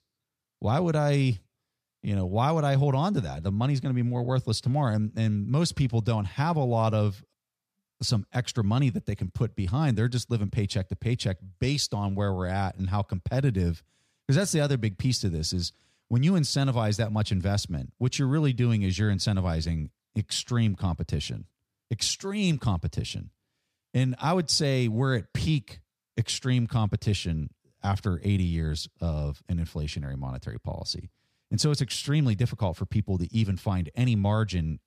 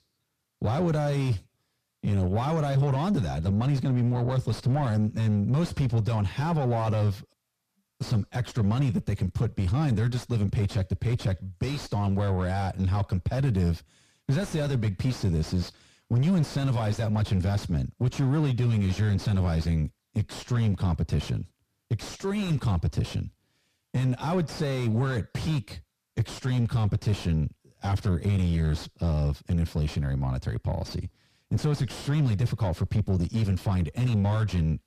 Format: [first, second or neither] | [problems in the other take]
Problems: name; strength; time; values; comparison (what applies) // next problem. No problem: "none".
first | distortion; heavy; 7 dB below the speech